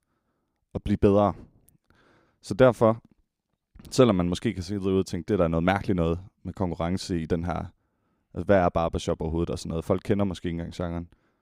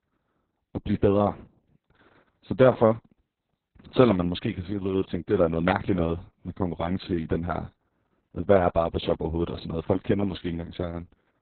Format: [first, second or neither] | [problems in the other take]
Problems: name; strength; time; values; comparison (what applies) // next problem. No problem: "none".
first | garbled, watery; badly; nothing above 4 kHz